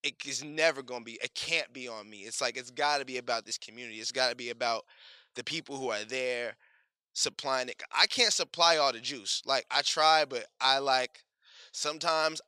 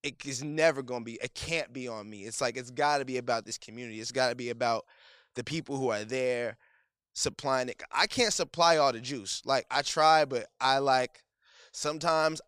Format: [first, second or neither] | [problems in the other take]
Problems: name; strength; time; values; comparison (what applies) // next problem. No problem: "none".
second | thin; very slightly; fading below 800 Hz